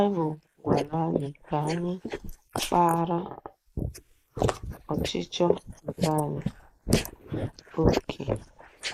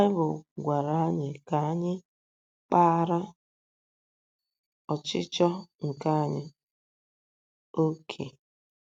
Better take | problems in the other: second | noise reduction (neural mask model Resemble Enhance denoiser)

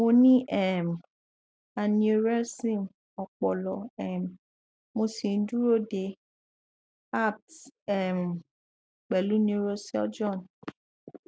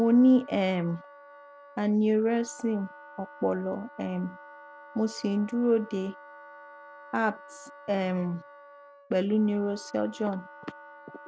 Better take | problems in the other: first | background sound (Wind instrument, woodwind instrument); 20 dB below the speech

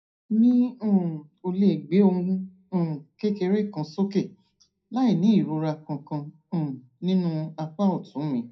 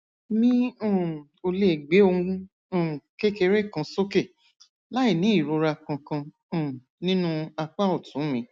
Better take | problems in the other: second | room echo; dies away in 0.2 s

